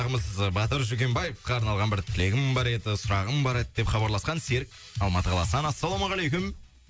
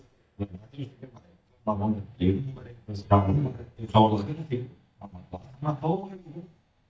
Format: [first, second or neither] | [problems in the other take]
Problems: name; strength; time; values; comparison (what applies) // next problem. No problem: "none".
first | noise reduction (neural mask model DeepFilterNet 3)